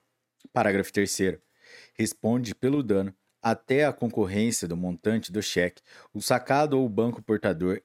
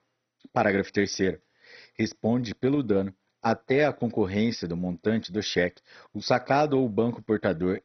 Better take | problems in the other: first | garbled, watery; badly; nothing above 6 kHz

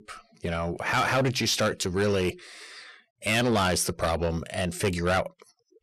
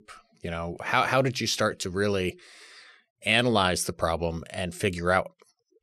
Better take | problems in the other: second | distortion; heavy; 7 dB below the speech

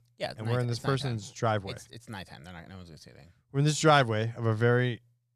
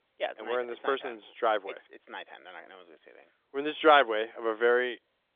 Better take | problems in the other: first | phone-call audio; nothing above 3.5 kHz

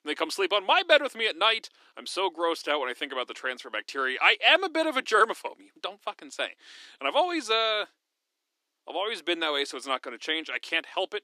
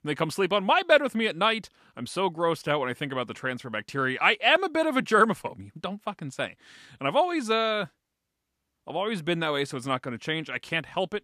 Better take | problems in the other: second | thin; somewhat; fading below 300 Hz

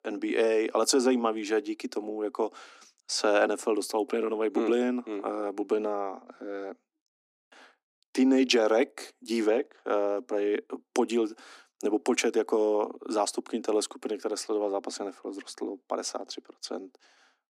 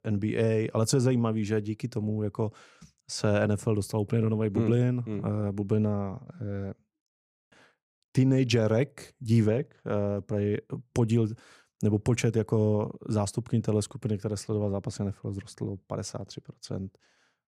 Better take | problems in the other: second | thin; somewhat; fading below 250 Hz

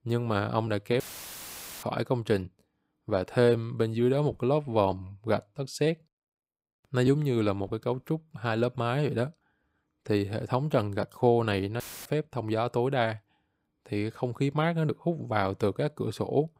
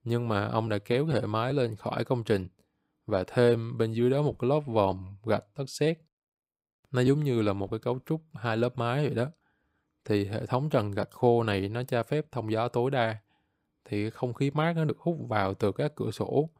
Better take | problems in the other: second | audio cutting out; filled with static; at 1 s for 1 s and at 12 s

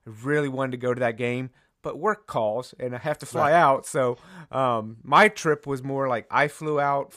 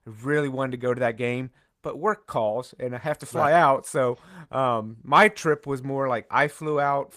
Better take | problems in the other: first | garbled, watery; slightly; nothing above 15 kHz

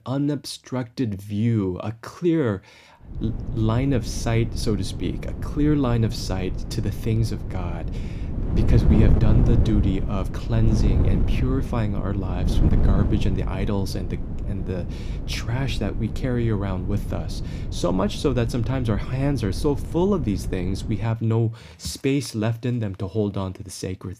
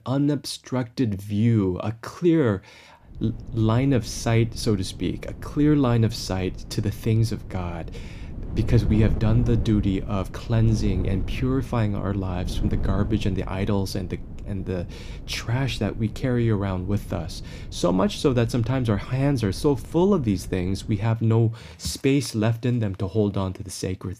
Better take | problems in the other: second | wind noise on the microphone; heavy; from 3 to 21 s; 8 dB below the speech; occasional gusts in the second

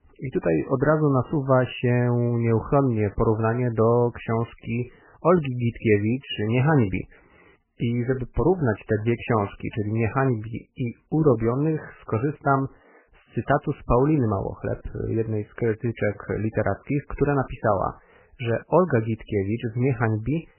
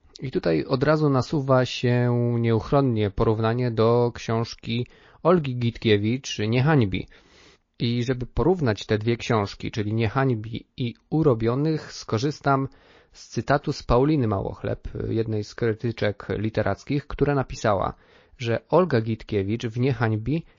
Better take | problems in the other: second | garbled, watery; badly; nothing above 3 kHz; slightly in the second

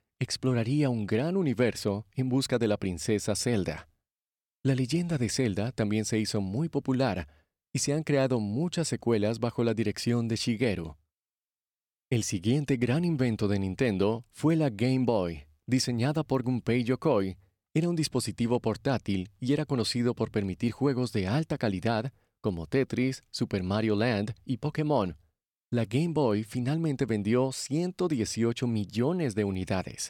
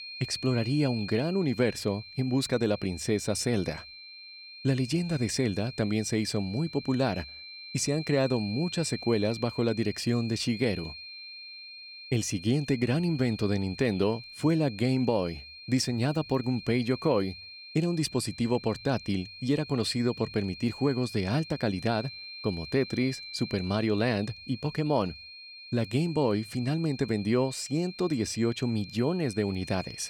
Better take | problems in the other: first | high-pitched whine; noticeable; throughout; 4 kHz, 15 dB below the speech

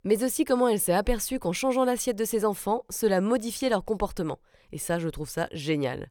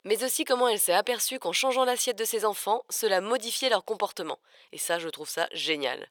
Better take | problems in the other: first | thin; somewhat; fading below 550 Hz

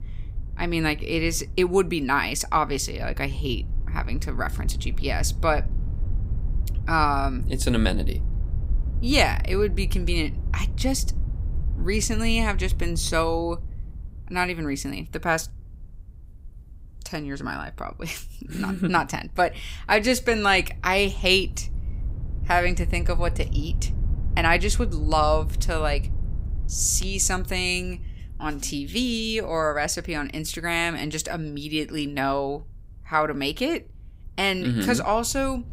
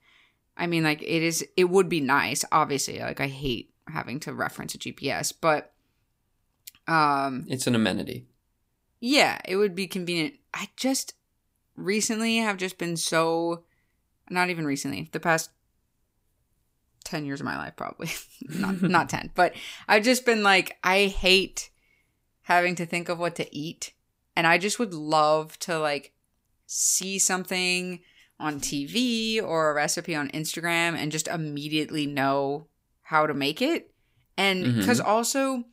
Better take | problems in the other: second | wind noise on the microphone; occasional gusts; 25 dB below the speech

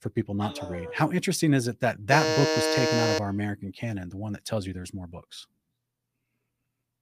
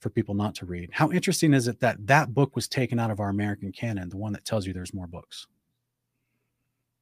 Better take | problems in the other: second | dog barking; noticeable; at 0.5 s; peak 9 dB below the speech // alarm; loud; from 2 to 3 s; peak 4 dB above the speech

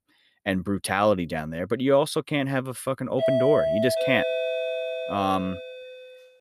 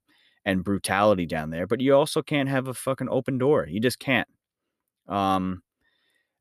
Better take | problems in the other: second | doorbell; loud; from 3 to 6 s; peak 3 dB above the speech

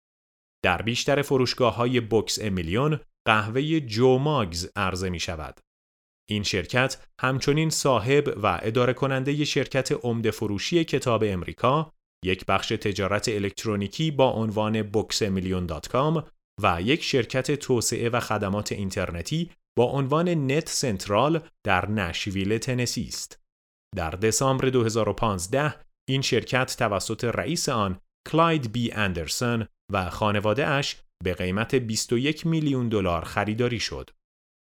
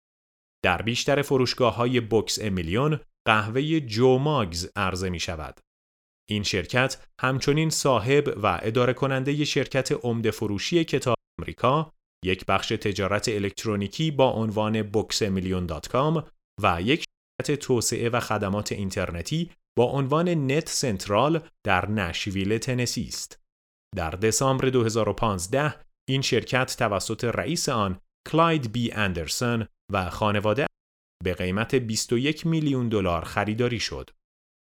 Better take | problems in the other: first | audio cutting out; at 11 s, at 17 s and at 31 s

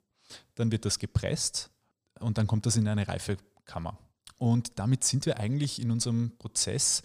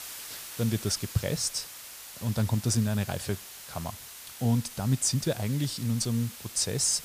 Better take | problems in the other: first | hiss; noticeable; throughout; 10 dB below the speech

